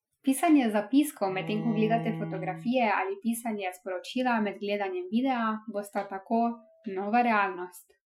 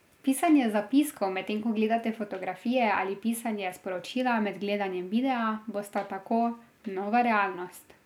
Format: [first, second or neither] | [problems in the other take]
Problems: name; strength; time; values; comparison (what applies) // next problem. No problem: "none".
second | noise reduction (classical method Wiener filter)